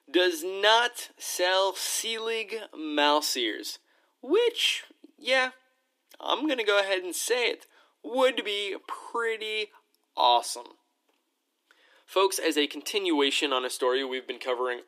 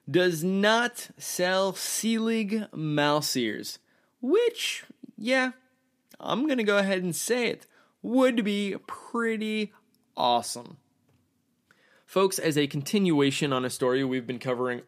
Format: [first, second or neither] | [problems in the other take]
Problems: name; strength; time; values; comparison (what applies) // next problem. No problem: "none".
second | thin; somewhat; fading below 300 Hz